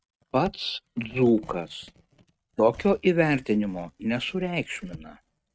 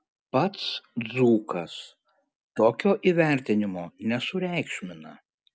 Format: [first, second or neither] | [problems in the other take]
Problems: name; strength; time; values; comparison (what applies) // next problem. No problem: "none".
second | noise reduction (neural mask model RNNoise)